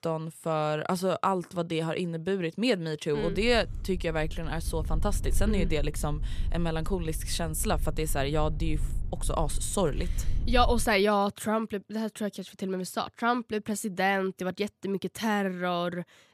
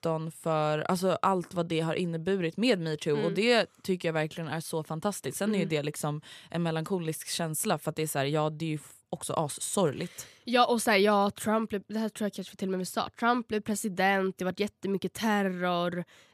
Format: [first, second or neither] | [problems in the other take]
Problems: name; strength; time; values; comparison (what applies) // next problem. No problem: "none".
second | low rumble; faint; from 3 to 11 s; 25 dB below the speech